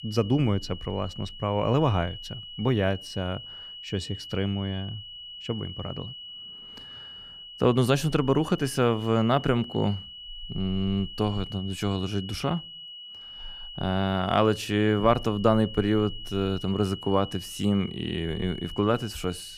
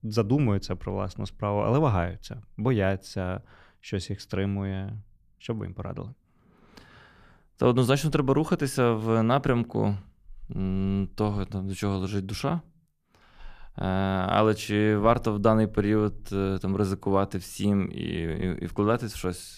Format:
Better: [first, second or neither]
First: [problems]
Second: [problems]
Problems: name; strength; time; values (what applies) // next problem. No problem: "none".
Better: second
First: high-pitched whine; noticeable; throughout; 3 kHz, 15 dB below the speech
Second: none